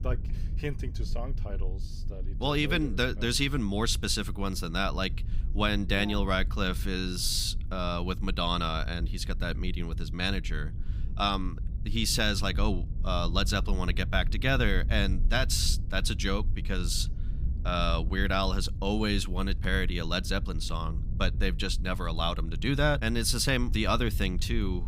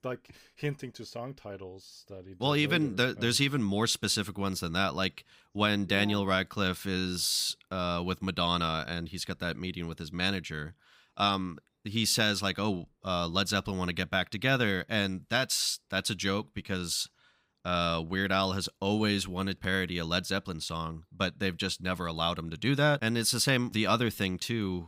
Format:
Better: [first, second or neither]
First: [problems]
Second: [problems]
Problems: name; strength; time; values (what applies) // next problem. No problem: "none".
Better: second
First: low rumble; faint; throughout; 20 dB below the speech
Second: none